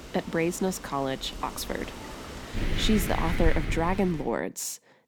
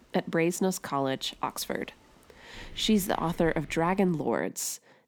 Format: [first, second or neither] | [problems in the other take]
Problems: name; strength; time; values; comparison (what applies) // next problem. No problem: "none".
second | rain or running water; loud; until 4 s; 6 dB below the speech; faint in the second